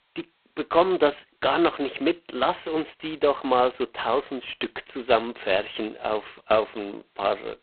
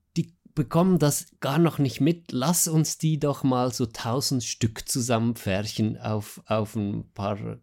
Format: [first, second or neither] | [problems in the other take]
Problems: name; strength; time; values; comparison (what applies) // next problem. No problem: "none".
second | phone-call audio; poor line; nothing above 4 kHz